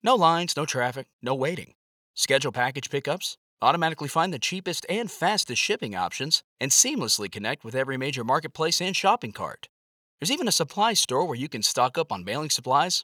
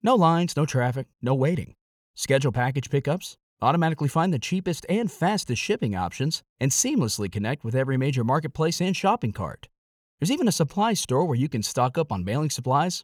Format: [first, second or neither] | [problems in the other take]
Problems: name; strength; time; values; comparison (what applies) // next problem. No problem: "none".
second | thin; somewhat; fading below 700 Hz